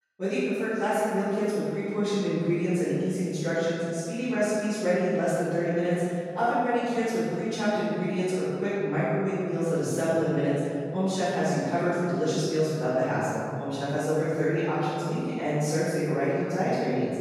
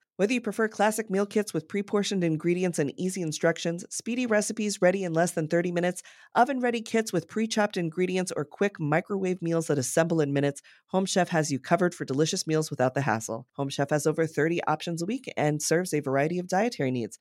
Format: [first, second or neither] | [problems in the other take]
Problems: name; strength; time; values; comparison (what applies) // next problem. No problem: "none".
second | room echo; strong; dies away in 2.5 s // off-mic speech; far